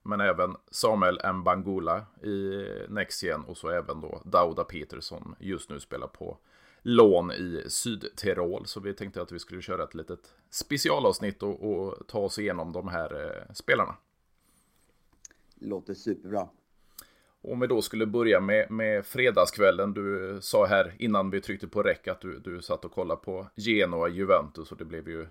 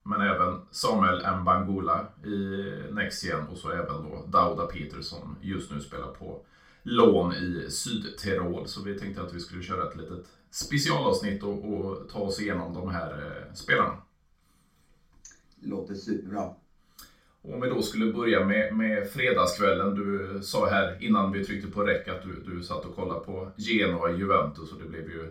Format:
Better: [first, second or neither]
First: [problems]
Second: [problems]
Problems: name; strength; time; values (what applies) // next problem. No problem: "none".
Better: first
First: none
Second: room echo; slight; dies away in 0.3 s // off-mic speech; far